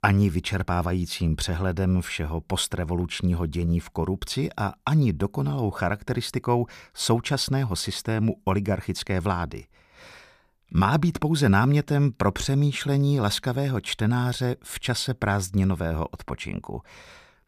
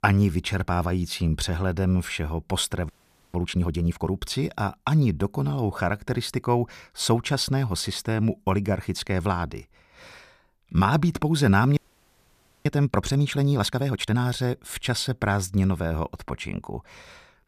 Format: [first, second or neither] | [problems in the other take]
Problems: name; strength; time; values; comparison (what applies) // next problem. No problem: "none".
first | audio freezing; at 3 s and at 12 s for 1 s